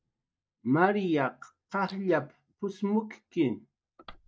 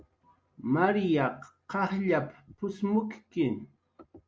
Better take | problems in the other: second | noise reduction (neural mask model DeepFilterNet 3)

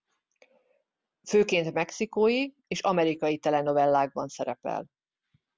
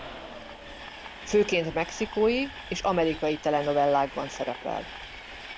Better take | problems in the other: first | background sound (Train); 13 dB below the speech

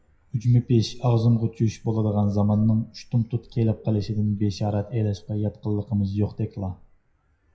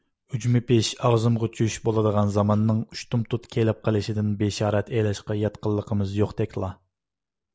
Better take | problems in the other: second | noise reduction (classical method WPE with log-MMSE)

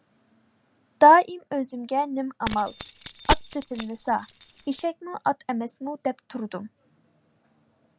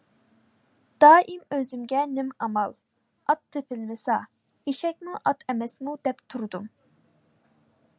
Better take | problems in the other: second | background sound (Keys jangling); 7 dB below the speech

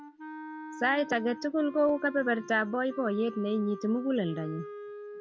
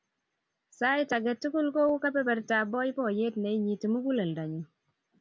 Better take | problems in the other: second | background sound (Wind instrument, woodwind instrument); 14 dB below the speech

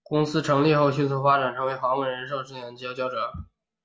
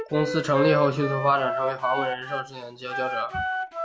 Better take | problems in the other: first | background sound (Wind instrument, woodwind instrument); 4 dB below the speech

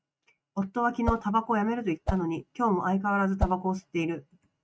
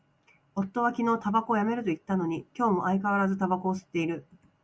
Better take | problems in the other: second | noise reduction (neural mask model RNNoise)

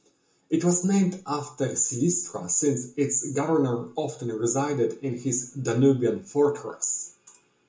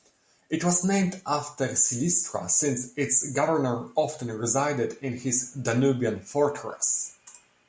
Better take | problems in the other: second | room echo; dies away in 0.2 s

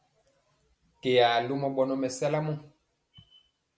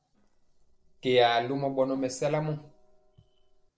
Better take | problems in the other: first | noise reduction (neural separator model SepFormer DNS4)

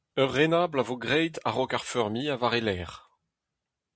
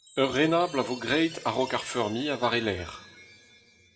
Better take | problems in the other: first | background sound (Chime); 19 dB below the speech // room echo; dies away in 0.8 s

